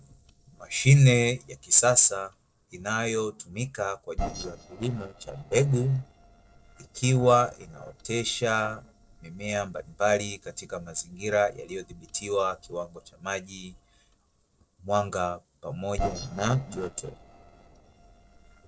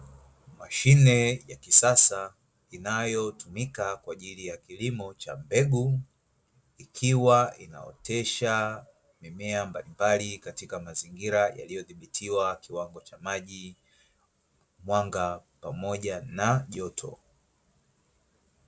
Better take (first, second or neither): second